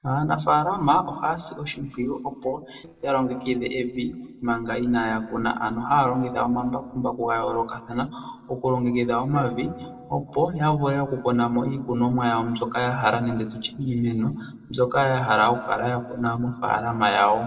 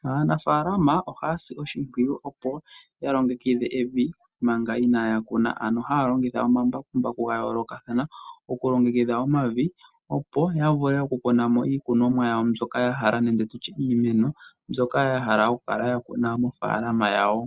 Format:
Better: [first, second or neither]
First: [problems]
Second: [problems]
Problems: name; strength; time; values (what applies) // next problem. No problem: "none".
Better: second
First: noise reduction (neural separator model SepFormer DNS4)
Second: none